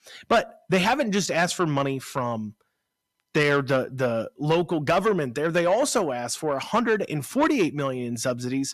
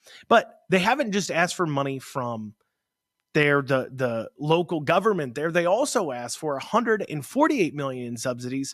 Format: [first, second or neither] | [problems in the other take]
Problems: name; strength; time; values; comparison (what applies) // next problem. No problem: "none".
second | distortion; slight; 10 dB below the speech